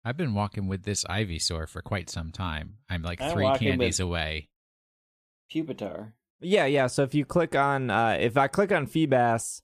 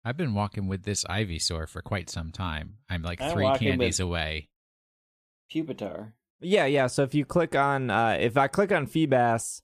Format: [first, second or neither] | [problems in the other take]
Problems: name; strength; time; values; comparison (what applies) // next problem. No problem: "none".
neither | none